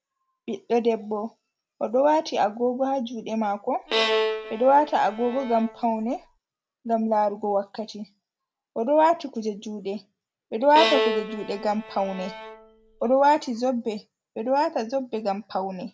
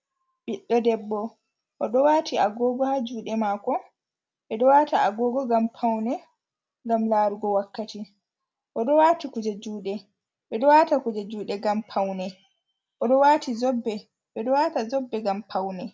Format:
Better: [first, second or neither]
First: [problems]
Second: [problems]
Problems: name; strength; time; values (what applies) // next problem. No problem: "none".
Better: second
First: background sound (Bowed string instrument); 4 dB below the speech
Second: none